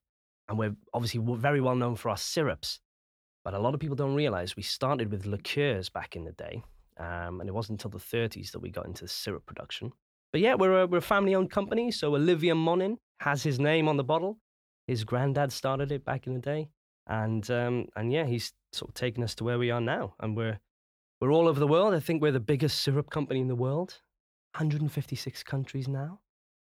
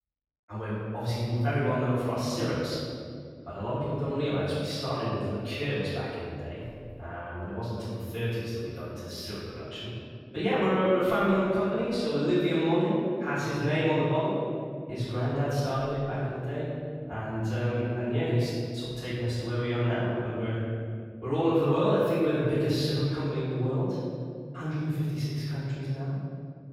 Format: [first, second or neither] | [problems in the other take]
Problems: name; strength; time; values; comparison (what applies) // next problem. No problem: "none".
first | off-mic speech; far // room echo; strong; dies away in 2.2 s